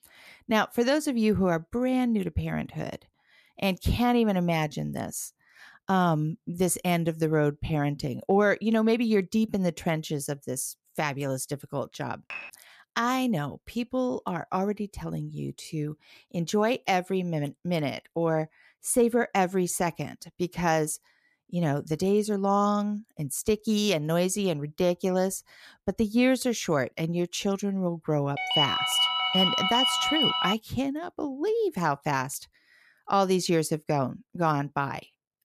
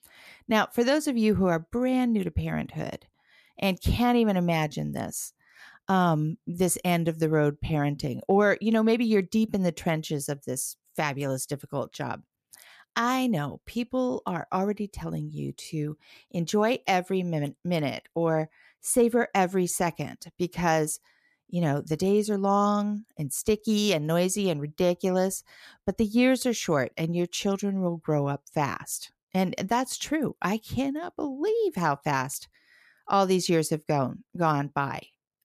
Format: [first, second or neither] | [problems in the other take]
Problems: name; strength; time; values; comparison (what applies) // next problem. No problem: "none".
second | clattering dishes; faint; at 12 s; peak 10 dB below the speech // phone ringing; loud; from 28 to 31 s; peak 5 dB above the speech